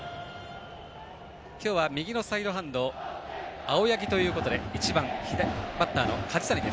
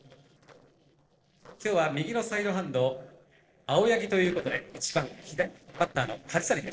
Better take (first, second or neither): first